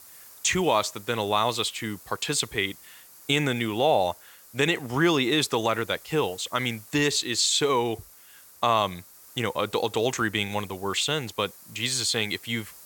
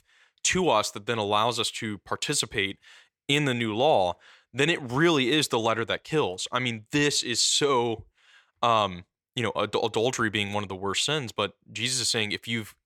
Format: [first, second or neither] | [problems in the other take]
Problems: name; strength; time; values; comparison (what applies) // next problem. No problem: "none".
second | hiss; faint; throughout; 20 dB below the speech